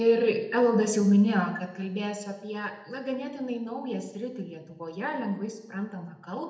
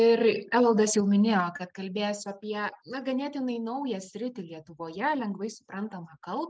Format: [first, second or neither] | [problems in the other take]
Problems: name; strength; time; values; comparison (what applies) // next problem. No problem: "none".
second | room echo; dies away in 0.7 s